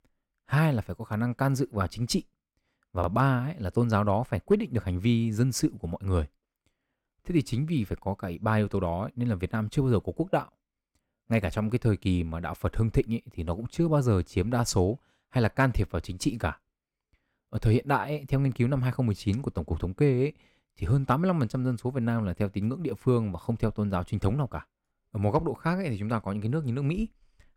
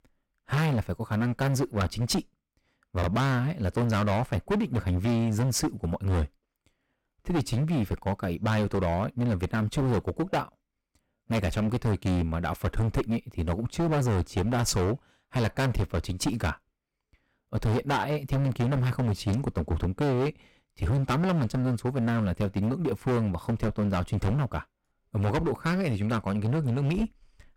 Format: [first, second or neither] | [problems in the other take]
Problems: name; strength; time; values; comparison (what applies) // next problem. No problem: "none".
first | distortion; heavy; 20% of the sound clipped